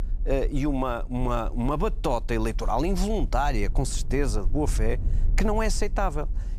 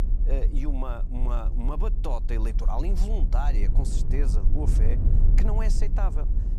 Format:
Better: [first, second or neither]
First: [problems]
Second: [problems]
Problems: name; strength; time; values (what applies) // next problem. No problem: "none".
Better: first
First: low rumble; faint; throughout; 20 dB below the speech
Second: low rumble; loud; throughout; 7 dB below the speech